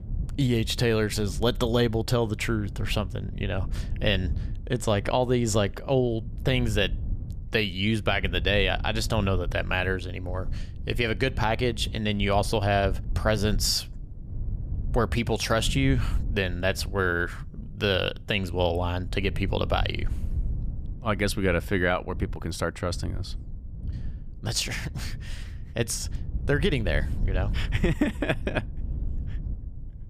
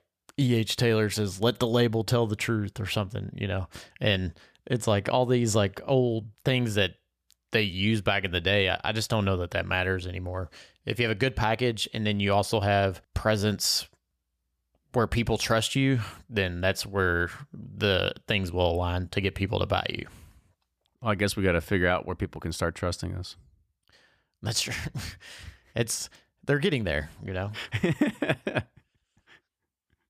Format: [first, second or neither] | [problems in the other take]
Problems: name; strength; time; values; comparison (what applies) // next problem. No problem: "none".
second | wind noise on the microphone; occasional gusts; 20 dB below the speech